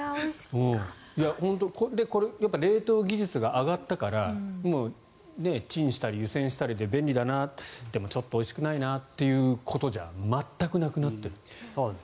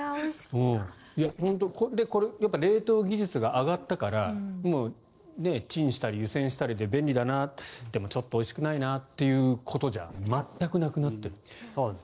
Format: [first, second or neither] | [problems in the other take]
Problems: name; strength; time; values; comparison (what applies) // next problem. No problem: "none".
first | noise reduction (neural separator model SepFormer DNS4)